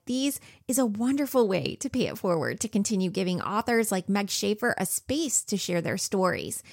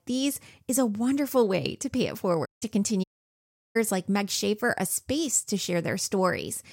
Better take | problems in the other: first | audio cutting out; at 2.5 s and at 3 s for 0.5 s

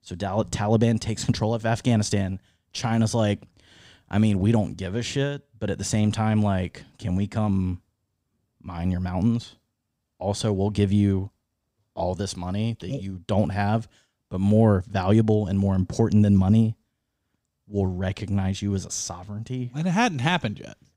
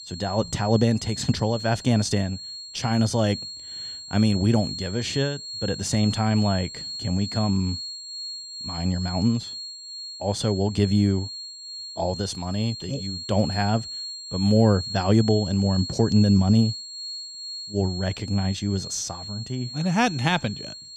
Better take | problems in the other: first | high-pitched whine; loud; throughout; 4.5 kHz, 9 dB below the speech

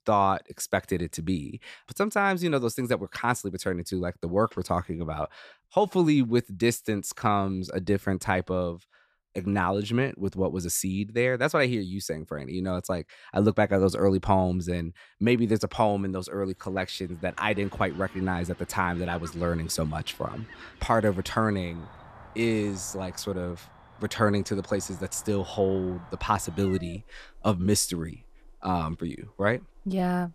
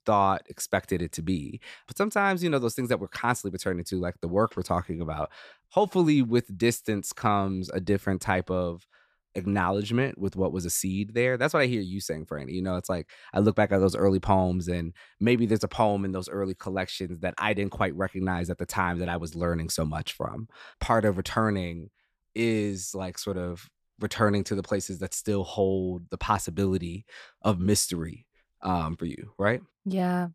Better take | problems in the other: second | animal sounds; faint; from 17 s on; 20 dB below the speech

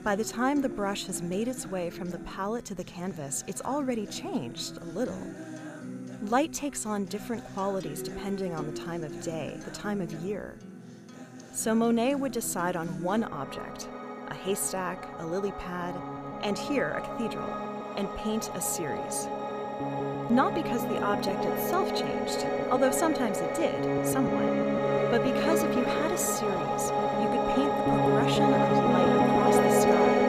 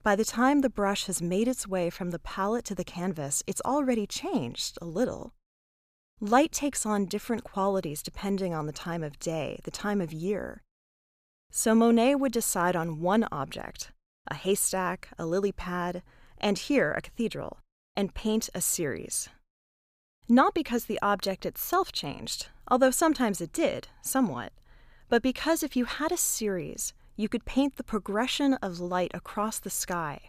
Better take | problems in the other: second | background music; very loud; throughout; 2 dB above the speech

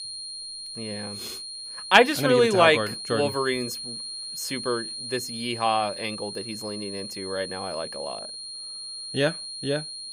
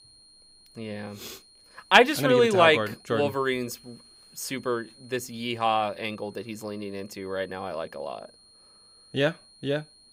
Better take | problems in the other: second | high-pitched whine; loud; throughout; 4 kHz, 9 dB below the speech; faint in the second

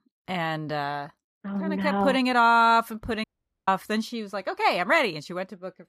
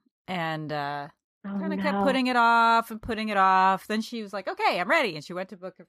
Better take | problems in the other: second | audio cutting out; at 3 s

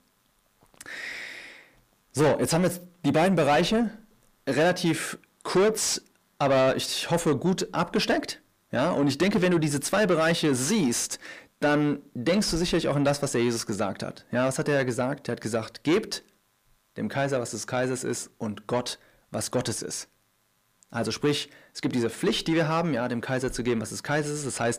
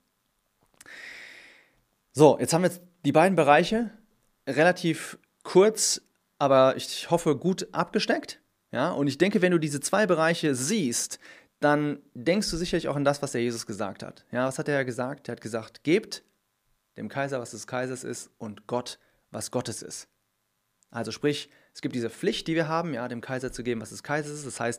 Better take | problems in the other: second | distortion; heavy; 7 dB below the speech

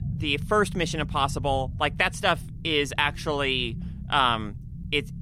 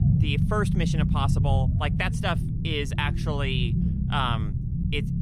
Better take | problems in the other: first | low rumble; loud; throughout; 7 dB below the speech; faint in the first

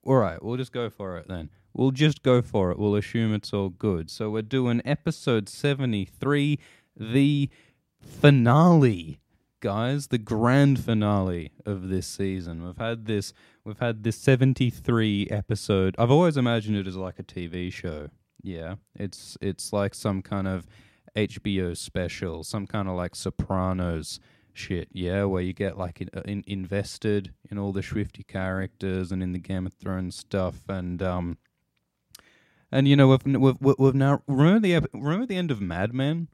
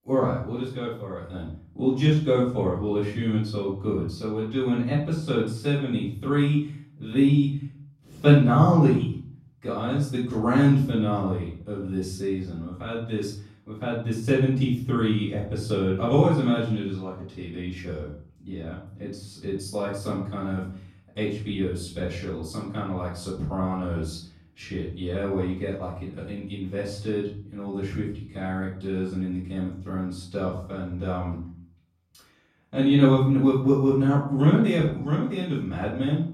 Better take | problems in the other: first | off-mic speech; far // room echo; noticeable; dies away in 0.5 s

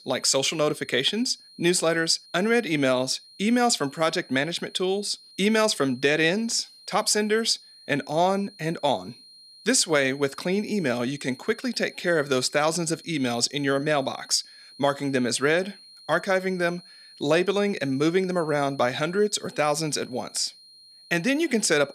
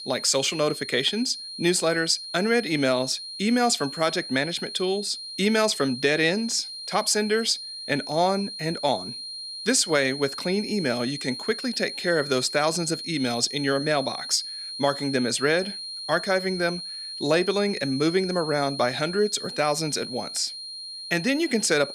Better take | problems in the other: first | high-pitched whine; loud; throughout; 4 kHz, 9 dB below the speech; faint in the first

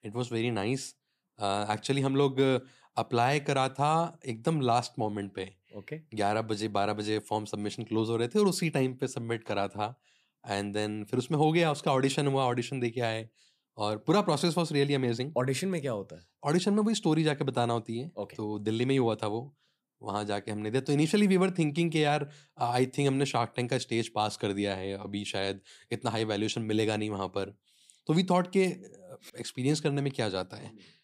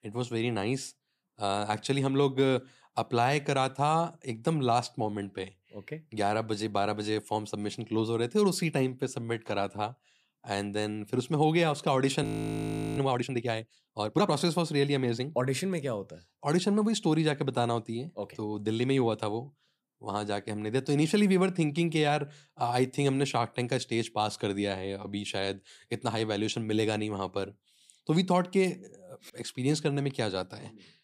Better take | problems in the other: first | audio freezing; at 12 s for 0.5 s

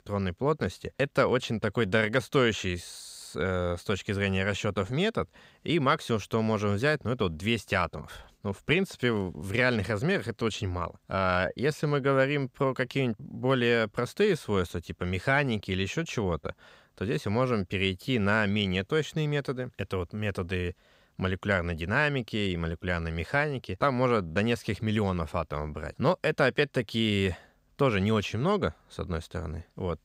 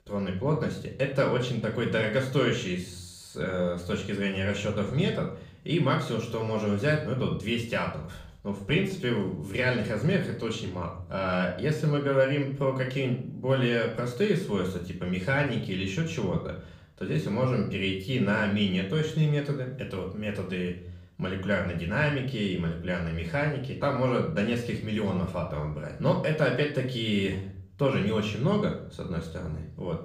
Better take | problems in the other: first | room echo; slight; dies away in 0.5 s // off-mic speech; far

